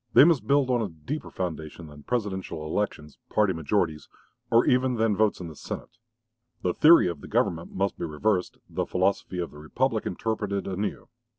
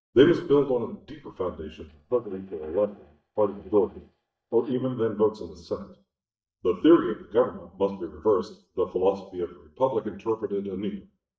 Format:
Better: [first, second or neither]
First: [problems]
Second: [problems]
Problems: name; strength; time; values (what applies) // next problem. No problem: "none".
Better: first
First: none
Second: noise reduction (neural mask model DeepFilterNet 3)